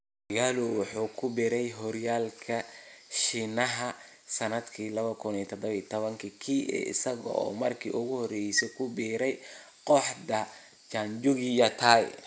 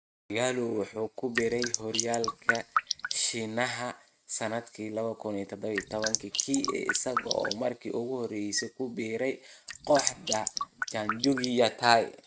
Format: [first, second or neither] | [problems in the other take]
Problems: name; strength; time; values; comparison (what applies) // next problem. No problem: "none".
first | noise reduction (neural mask model RNNoise)